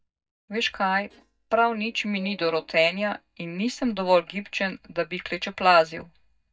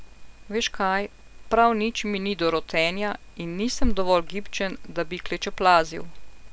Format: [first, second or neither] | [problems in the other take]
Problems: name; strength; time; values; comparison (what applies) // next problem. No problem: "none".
second | noise reduction (neural mask model DeepFilterNet 3)